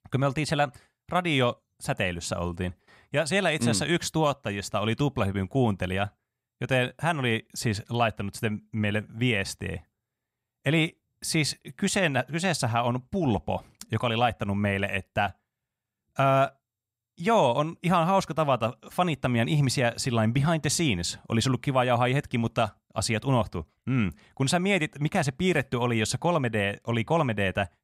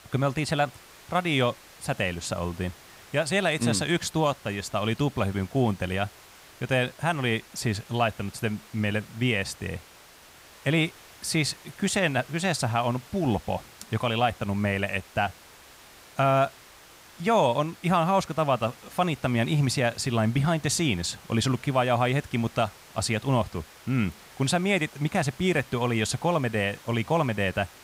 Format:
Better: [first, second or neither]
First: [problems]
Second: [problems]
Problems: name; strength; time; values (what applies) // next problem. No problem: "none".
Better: first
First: none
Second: hiss; faint; throughout; 20 dB below the speech